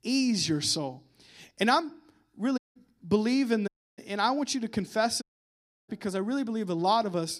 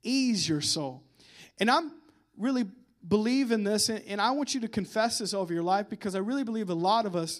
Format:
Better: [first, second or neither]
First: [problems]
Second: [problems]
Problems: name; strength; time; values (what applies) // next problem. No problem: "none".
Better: second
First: audio cutting out; at 2.5 s, at 3.5 s and at 5 s for 0.5 s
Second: none